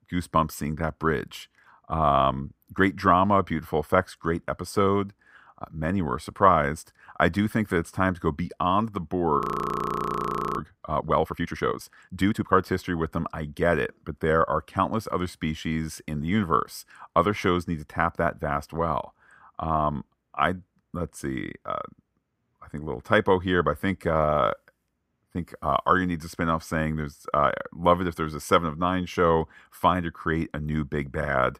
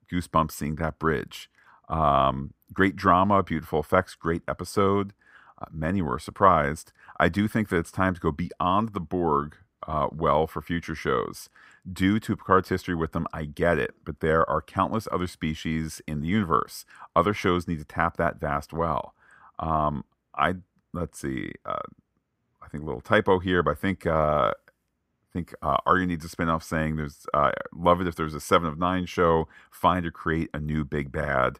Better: second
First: audio freezing; at 9.5 s for 1 s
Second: none

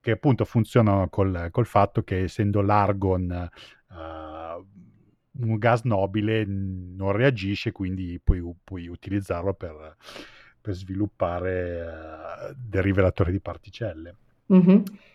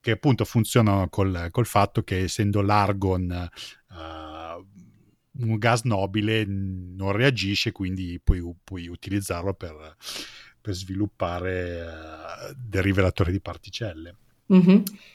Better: second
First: muffled; slightly; fading above 3 kHz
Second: none

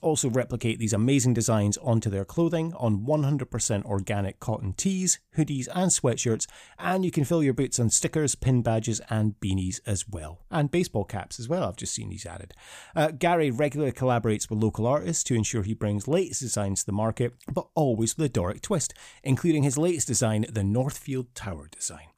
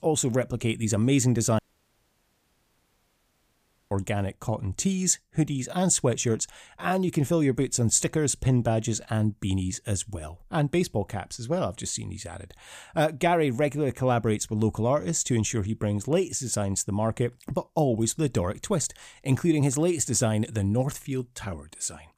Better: first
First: none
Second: audio cutting out; at 1.5 s for 2.5 s

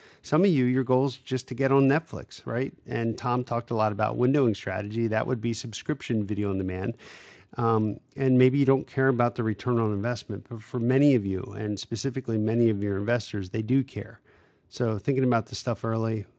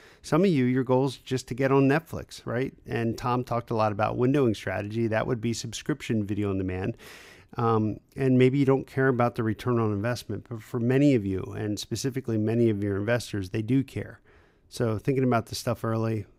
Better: second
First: garbled, watery; slightly; nothing above 7.5 kHz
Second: none

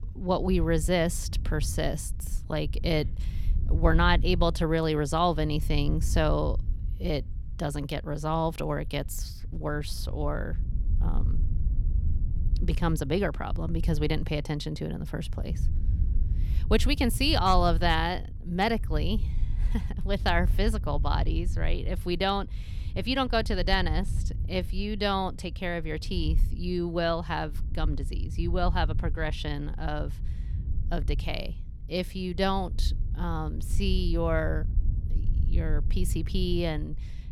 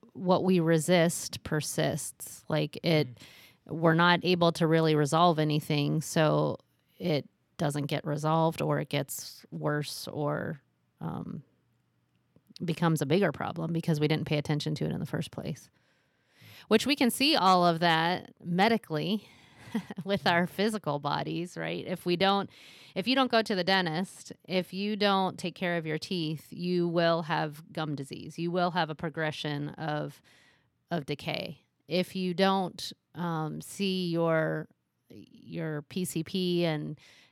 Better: second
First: low rumble; faint; throughout; 20 dB below the speech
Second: none

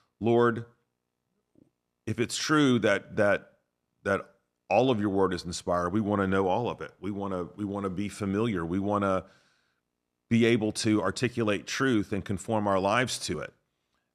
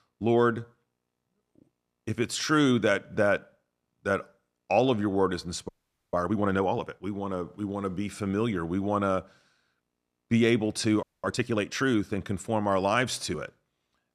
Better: first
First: none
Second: audio freezing; at 5.5 s and at 11 s

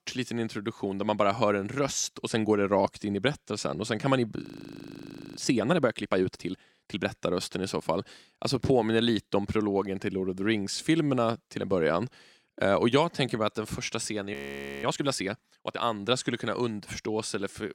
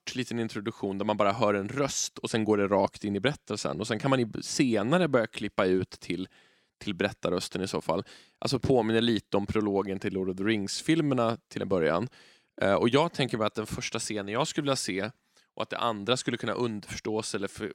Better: second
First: audio freezing; at 4.5 s for 1 s and at 14 s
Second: none

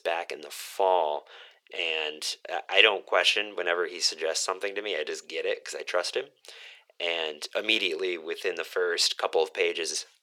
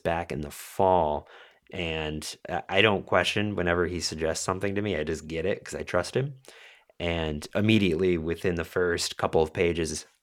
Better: second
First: thin; very; fading below 450 Hz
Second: none

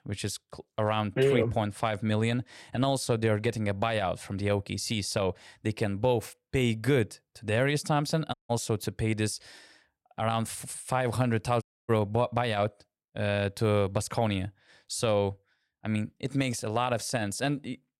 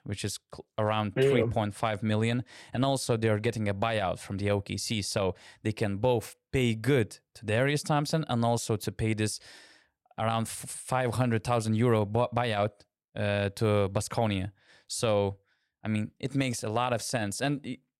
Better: second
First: audio cutting out; at 8.5 s and at 12 s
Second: none

